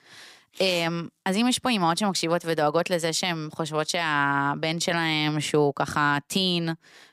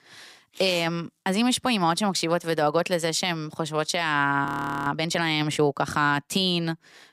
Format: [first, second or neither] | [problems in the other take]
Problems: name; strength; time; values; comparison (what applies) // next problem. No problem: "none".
first | audio freezing; at 4.5 s